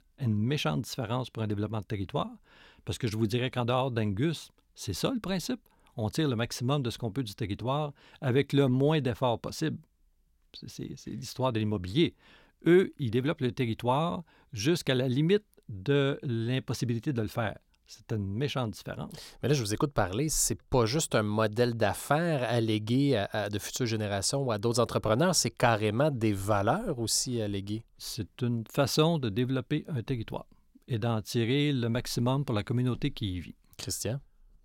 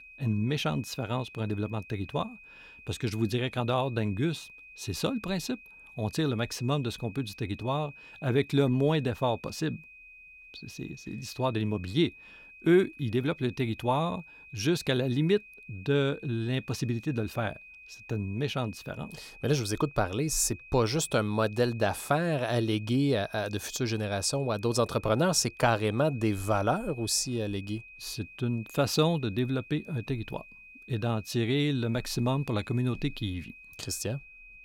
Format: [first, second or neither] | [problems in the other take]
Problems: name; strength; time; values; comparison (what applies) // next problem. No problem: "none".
first | high-pitched whine; noticeable; throughout; 2.5 kHz, 20 dB below the speech